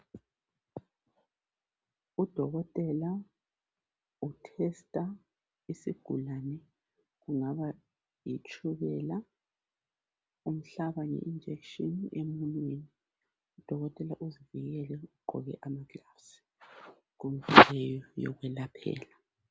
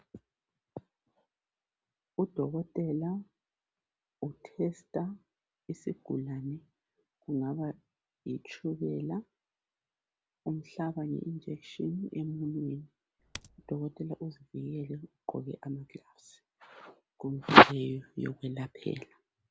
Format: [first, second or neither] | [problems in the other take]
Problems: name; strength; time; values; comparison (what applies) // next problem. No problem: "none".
first | background sound (Typing); 16 dB below the speech